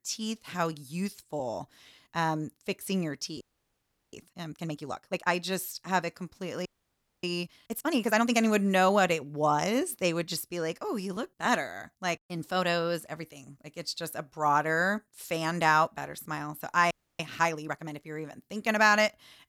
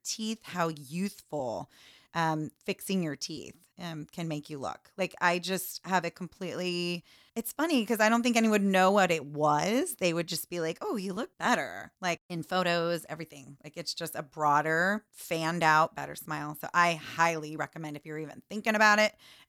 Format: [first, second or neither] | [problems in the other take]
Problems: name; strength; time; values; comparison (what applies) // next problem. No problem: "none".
second | audio freezing; at 3.5 s for 0.5 s, at 6.5 s for 0.5 s and at 17 s